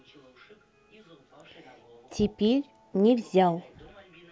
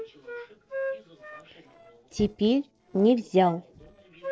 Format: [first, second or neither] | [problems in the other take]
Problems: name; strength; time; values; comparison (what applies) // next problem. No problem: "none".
first | noise reduction (neural separator model SepFormer DNS4)